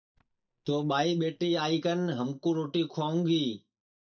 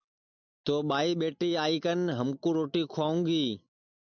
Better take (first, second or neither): second